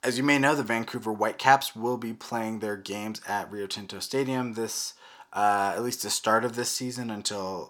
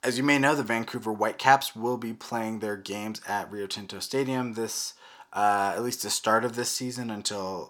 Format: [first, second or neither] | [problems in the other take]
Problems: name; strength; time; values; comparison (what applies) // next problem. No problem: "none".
neither | thin; somewhat; fading below 450 Hz; the same in both